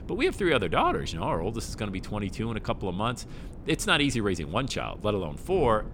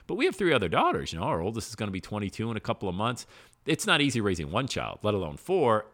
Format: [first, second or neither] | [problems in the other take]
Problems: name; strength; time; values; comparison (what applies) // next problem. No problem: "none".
second | wind noise on the microphone; occasional gusts; 20 dB below the speech